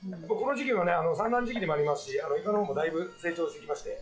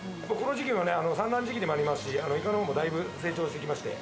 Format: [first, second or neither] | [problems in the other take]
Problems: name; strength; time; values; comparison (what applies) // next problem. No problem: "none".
second | noise reduction (classical method log-MMSE)